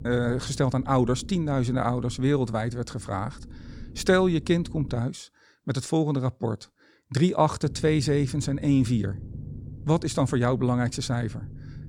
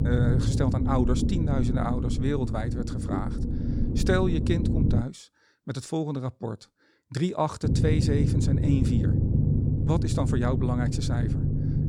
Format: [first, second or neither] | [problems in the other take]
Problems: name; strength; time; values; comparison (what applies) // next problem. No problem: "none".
first | low rumble; loud; until 5 s and from 7.5 s on; 3 dB below the speech; faint in the first